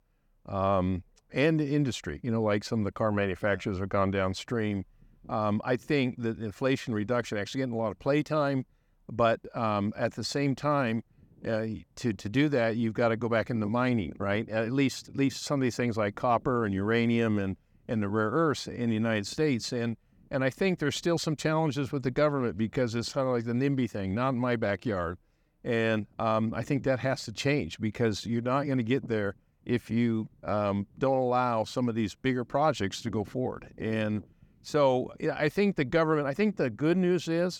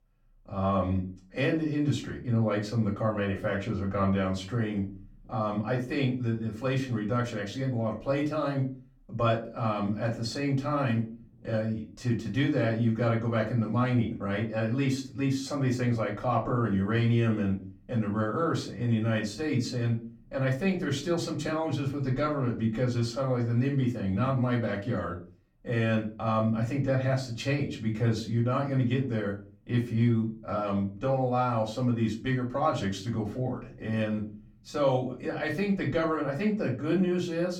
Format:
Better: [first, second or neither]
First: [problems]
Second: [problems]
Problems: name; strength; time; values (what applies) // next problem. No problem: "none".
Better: first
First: none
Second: room echo; slight; dies away in 0.3 s // off-mic speech; far